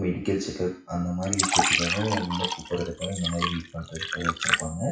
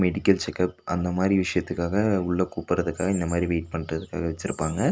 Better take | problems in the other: second | noise reduction (classical method WPE with log-MMSE)

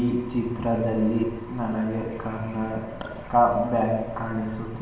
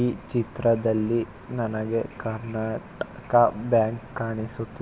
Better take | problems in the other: second | room echo; dies away in 1.1 s

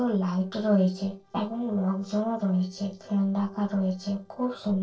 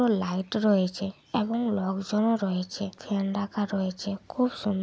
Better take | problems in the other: second | noise reduction (neural separator model SepFormer DNS4)

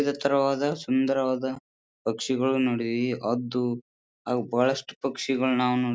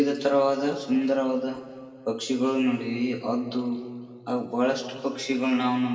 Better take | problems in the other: first | room echo; dies away in 2.7 s

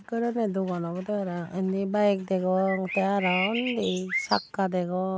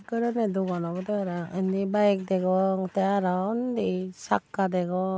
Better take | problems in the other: second | background sound (Bird); 6 dB below the speech

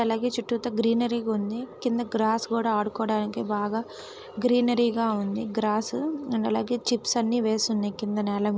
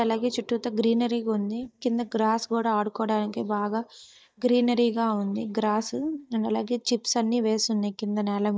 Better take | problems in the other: first | noise reduction (neural mask model DeepFilterNet 3)

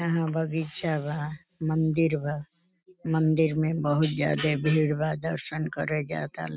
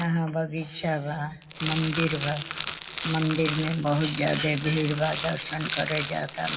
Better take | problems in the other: first | background sound (Rattle); 8 dB below the speech // room echo; dies away in 1 s

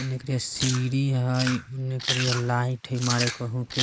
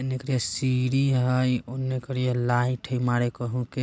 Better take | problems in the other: second | noise reduction (neural mask model Resemble Enhance denoiser)

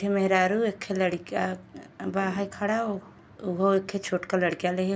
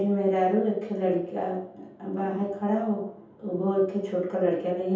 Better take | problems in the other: first | room echo; dies away in 0.7 s

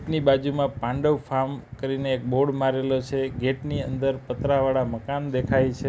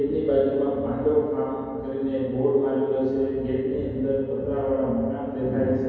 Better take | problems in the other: first | room echo; dies away in 2.2 s

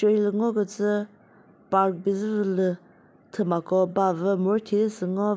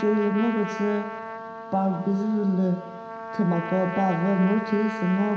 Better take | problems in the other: first | background sound (Trumpet); 10 dB below the speech // room echo; dies away in 0.9 s

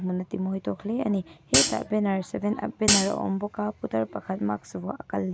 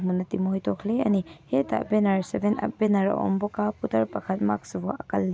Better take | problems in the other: second | background sound (Hi-hat); 4 dB above the speech

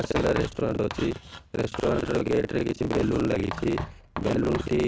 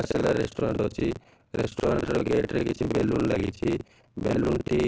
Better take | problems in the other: second | background sound (Writing); 12 dB below the speech

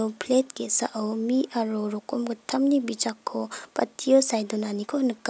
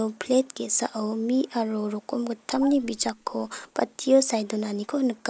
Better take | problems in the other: first | noise reduction (neural mask model Resemble Enhance denoiser)

